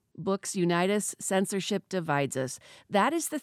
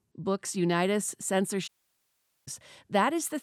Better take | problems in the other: first | audio cutting out; at 1.5 s for 1 s

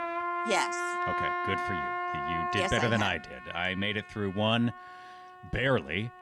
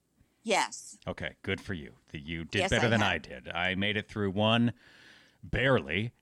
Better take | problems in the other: second | background music; loud; throughout; 2 dB below the speech

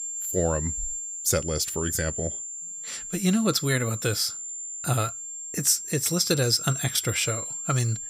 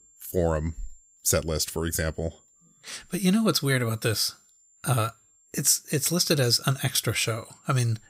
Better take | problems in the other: second | high-pitched whine; loud; throughout; 7.5 kHz, 6 dB below the speech; faint in the second

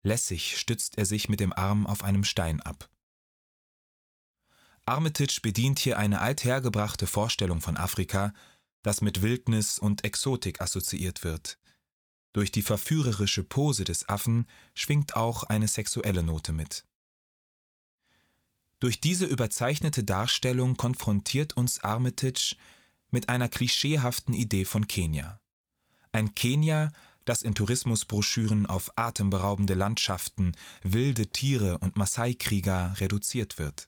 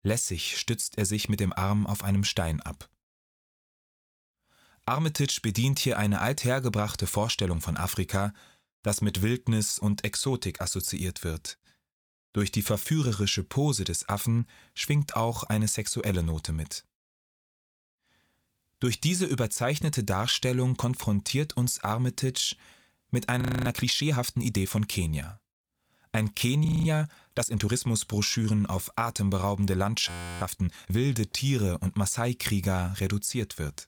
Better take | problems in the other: first | audio freezing; at 23 s, at 27 s and at 30 s

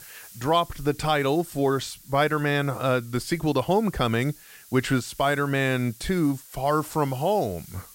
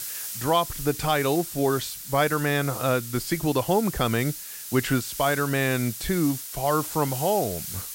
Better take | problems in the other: first | hiss; loud; throughout; 8 dB below the speech; faint in the first

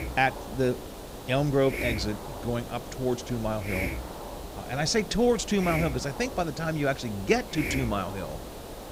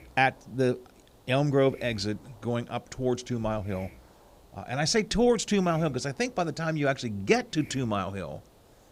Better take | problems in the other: second | hiss; loud; throughout; 8 dB below the speech; faint in the second

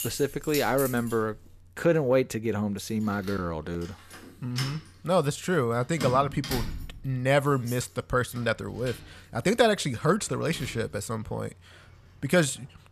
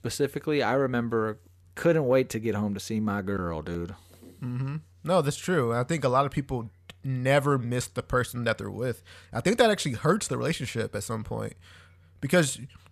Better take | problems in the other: second | household noises; noticeable; throughout; 10 dB below the speech

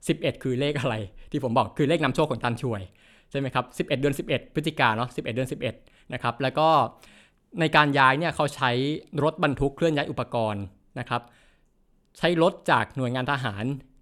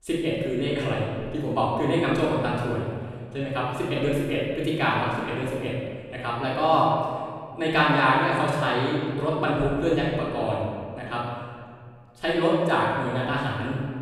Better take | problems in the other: first | off-mic speech; far // room echo; strong; dies away in 1.8 s

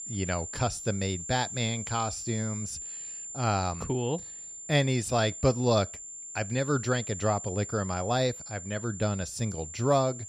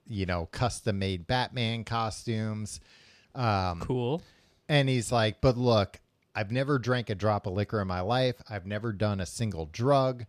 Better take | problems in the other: second | high-pitched whine; loud; throughout; 7 kHz, 8 dB below the speech

